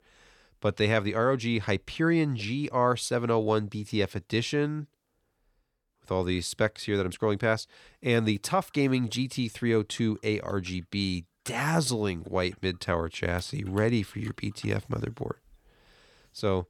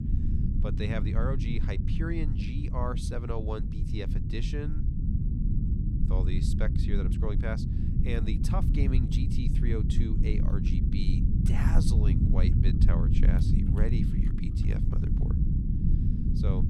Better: first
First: none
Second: low rumble; loud; throughout; 1 dB below the speech

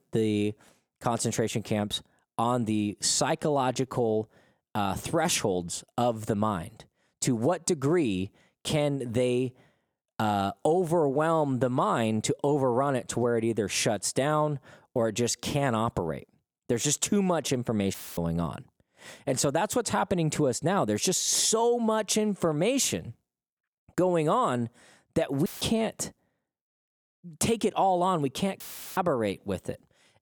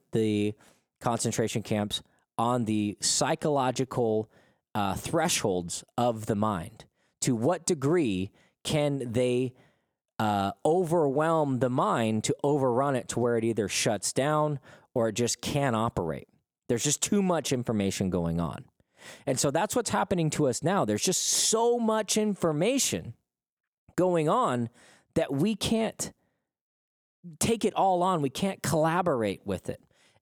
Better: second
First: audio cutting out; filled with static; at 18 s, at 25 s and at 29 s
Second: none

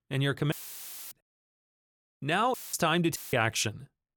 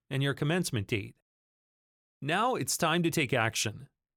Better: second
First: audio cutting out; filled with static; at 0.5 s for 0.5 s, at 2.5 s and at 3 s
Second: none

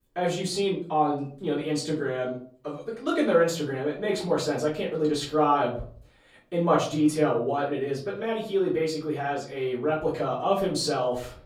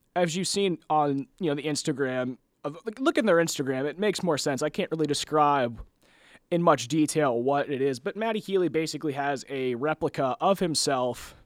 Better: second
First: off-mic speech; far // room echo; slight; dies away in 0.4 s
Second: none

